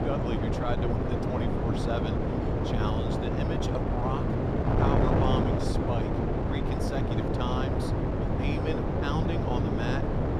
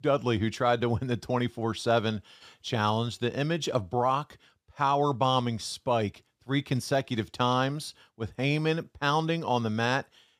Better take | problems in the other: second | wind noise on the microphone; heavy; 3 dB above the speech

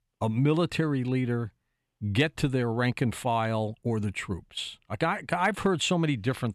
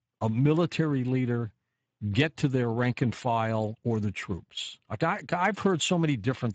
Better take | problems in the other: first | garbled, watery; badly; nothing above 7.5 kHz

